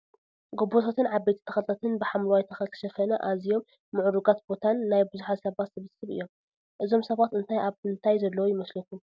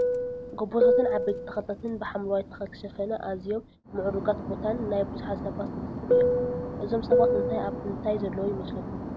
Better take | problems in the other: first | background sound (Fixed-wing aircraft, airplane); 3 dB above the speech

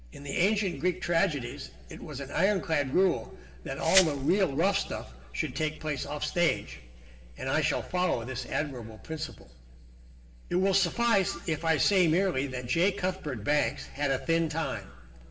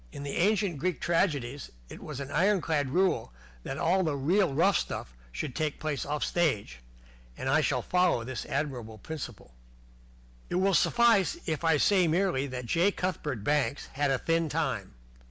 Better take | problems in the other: second | background sound (Glass); 4 dB below the speech // room echo; dies away in 1.7 s

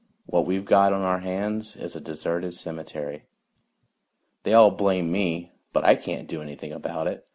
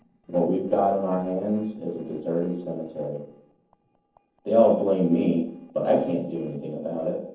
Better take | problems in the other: first | noise reduction (neural separator model SepFormer DNS4)

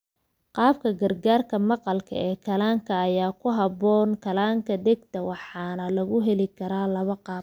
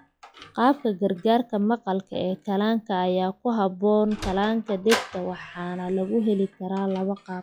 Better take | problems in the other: first | noise reduction (classical method log-MMSE)

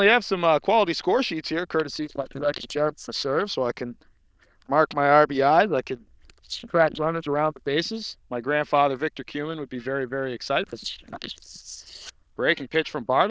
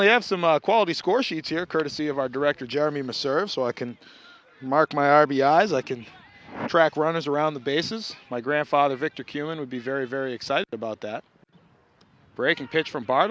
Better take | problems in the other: second | noise reduction (neural diffusion model UNIVERSE++)

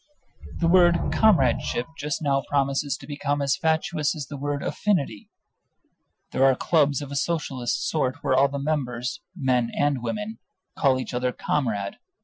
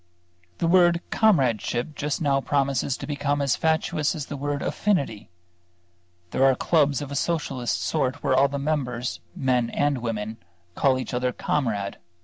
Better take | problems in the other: second | noise reduction (classical method Wiener filter)

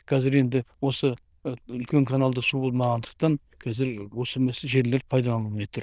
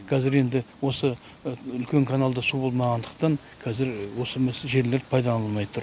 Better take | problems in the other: second | noise reduction (neural diffusion model UNIVERSE++)

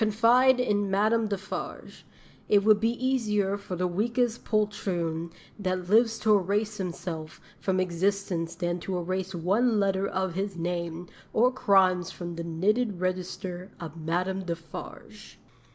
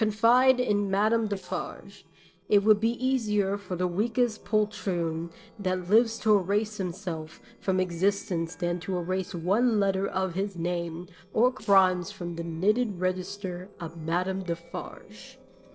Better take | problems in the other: first | noise reduction (neural separator model SepFormer DNS4)

